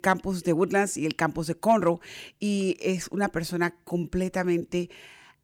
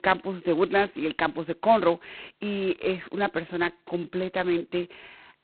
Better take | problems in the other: first | phone-call audio; poor line; nothing above 4 kHz

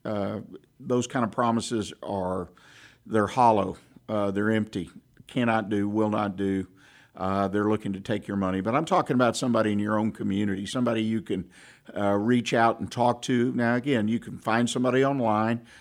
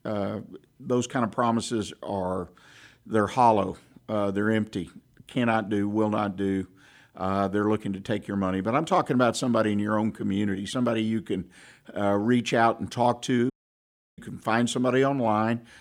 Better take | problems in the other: first | audio cutting out; at 14 s for 0.5 s

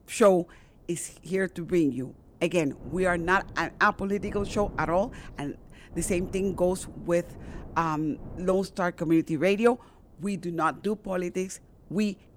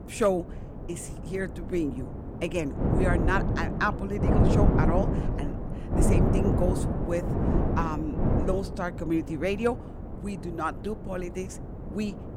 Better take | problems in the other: first | wind noise on the microphone; heavy; 2 dB below the speech; occasional gusts in the first

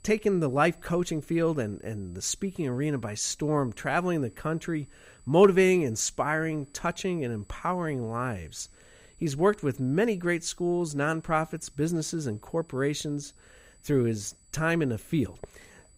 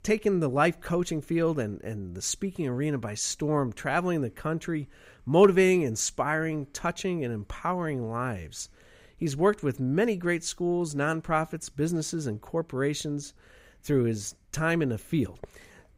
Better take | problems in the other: second | high-pitched whine; faint; throughout; 8 kHz, 30 dB below the speech

